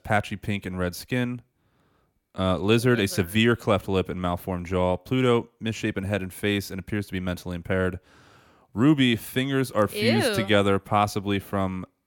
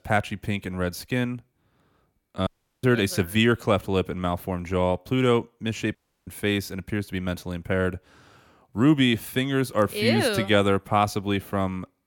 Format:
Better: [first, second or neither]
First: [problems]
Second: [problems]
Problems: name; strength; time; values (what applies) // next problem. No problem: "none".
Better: first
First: none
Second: audio cutting out; at 2.5 s and at 6 s